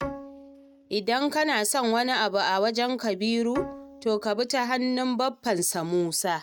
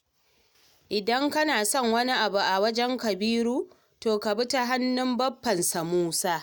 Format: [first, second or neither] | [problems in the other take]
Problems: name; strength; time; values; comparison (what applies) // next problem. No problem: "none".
second | noise reduction (neural mask model RNNoise)